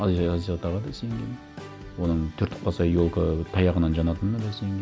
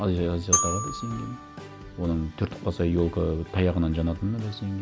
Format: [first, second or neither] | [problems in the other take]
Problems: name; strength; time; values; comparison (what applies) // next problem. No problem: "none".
first | background sound (Glockenspiel); 5 dB below the speech